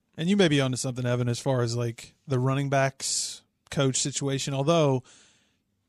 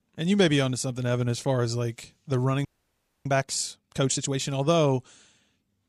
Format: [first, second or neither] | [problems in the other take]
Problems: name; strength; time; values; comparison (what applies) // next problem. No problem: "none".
first | audio freezing; at 2.5 s for 0.5 s